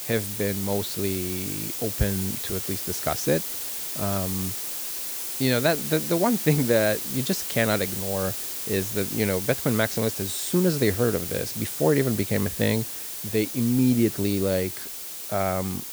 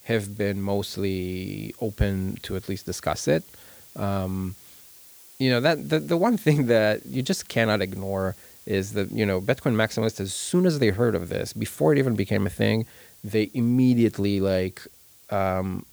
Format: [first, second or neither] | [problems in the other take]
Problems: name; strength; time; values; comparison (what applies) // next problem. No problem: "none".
second | hiss; loud; throughout; 4 dB below the speech; faint in the second